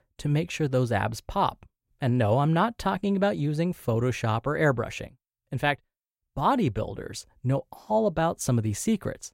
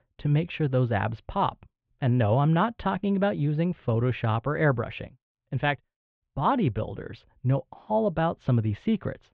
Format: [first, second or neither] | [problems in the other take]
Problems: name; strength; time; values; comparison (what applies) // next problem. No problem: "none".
first | muffled; very; fading above 3.5 kHz